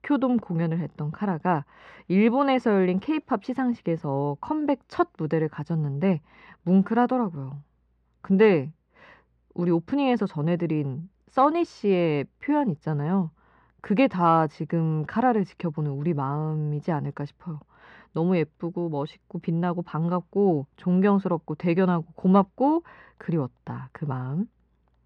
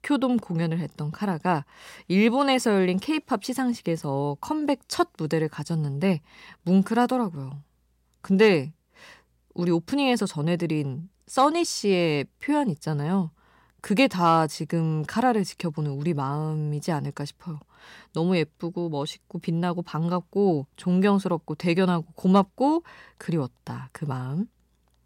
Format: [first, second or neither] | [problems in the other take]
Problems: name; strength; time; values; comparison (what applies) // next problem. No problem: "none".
second | muffled; very; fading above 2 kHz